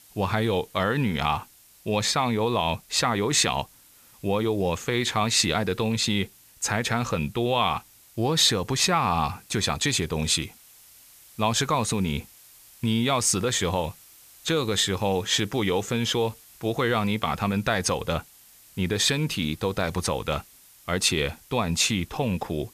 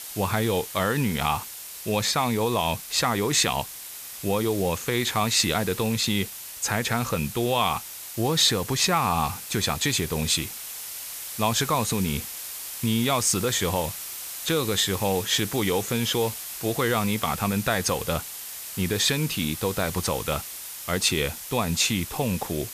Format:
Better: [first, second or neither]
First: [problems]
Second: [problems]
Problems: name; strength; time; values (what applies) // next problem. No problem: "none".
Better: first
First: hiss; faint; throughout; 25 dB below the speech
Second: hiss; loud; throughout; 9 dB below the speech